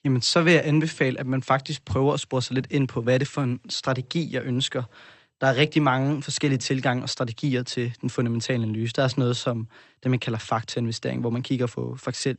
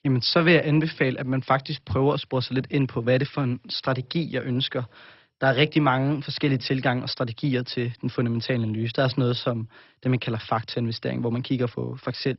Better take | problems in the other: first | garbled, watery; badly; nothing above 5.5 kHz; slightly in the first

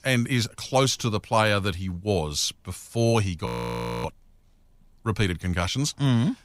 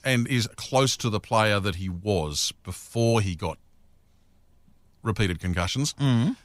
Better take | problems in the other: second | audio freezing; at 3.5 s for 0.5 s

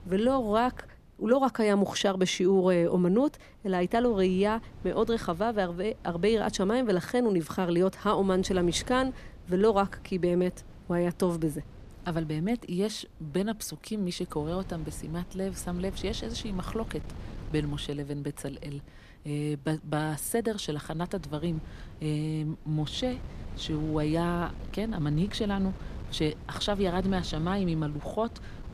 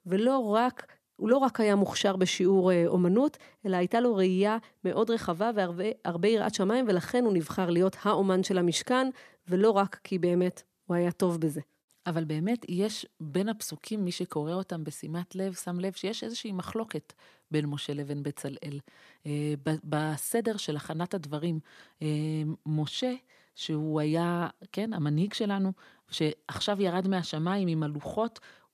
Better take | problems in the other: second | wind noise on the microphone; occasional gusts; 20 dB below the speech

